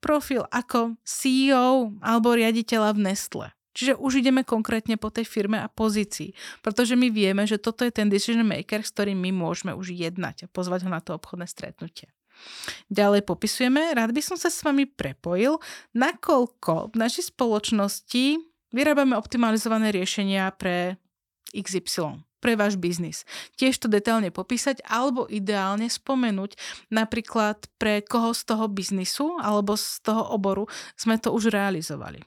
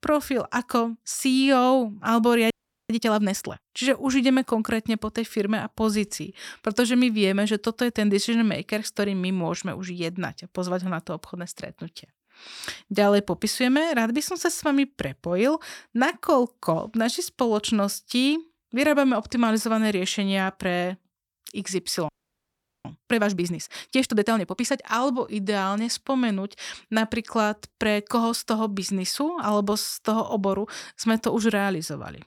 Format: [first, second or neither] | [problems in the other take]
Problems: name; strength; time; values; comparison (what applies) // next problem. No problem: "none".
first | audio freezing; at 2.5 s and at 22 s for 1 s